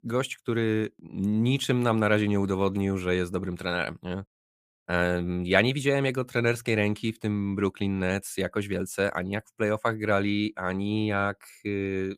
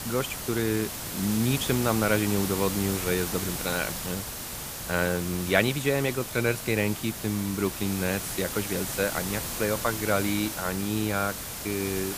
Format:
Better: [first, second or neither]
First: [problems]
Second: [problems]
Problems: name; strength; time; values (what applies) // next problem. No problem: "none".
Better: first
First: none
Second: hiss; loud; throughout; 4 dB below the speech